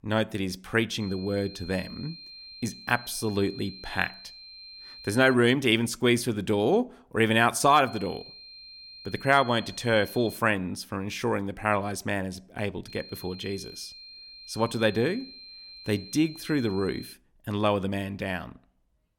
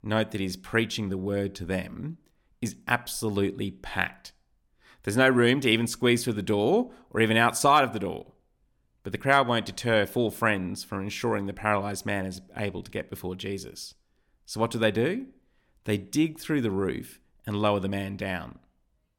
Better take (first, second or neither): second